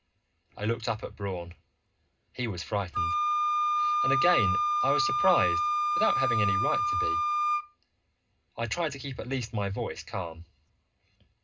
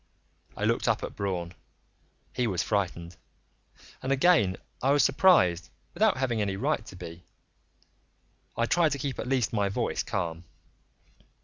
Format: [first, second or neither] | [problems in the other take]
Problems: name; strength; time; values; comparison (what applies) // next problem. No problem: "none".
second | background sound (Wind instrument, woodwind instrument); 2 dB above the speech // room echo; dies away in 0.2 s